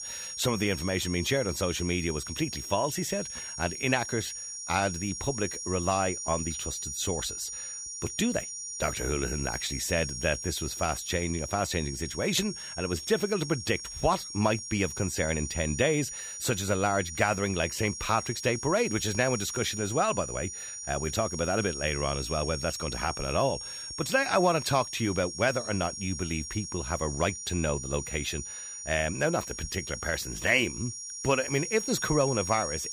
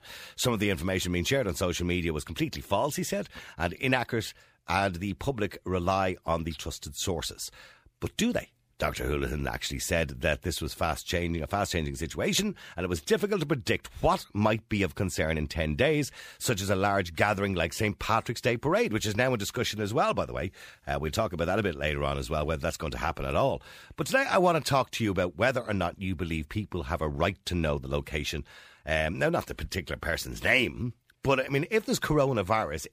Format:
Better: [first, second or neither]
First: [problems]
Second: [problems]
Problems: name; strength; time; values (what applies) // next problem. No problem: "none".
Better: second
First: high-pitched whine; loud; throughout; 5.5 kHz, 6 dB below the speech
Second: none